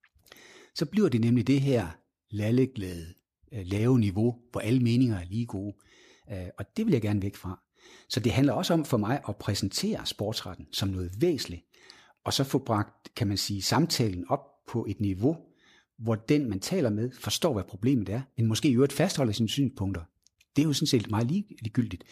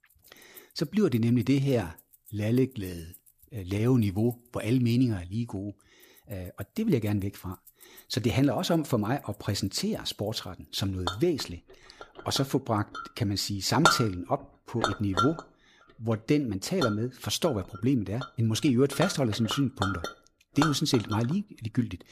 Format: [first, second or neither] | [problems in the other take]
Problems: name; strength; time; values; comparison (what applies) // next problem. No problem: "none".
first | household noises; loud; throughout; 5 dB below the speech